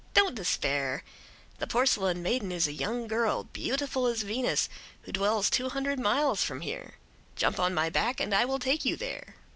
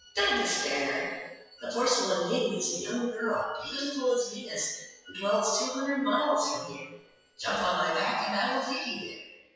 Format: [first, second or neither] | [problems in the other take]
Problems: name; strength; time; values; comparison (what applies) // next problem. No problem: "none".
first | noise reduction (classical method WPE with log-MMSE)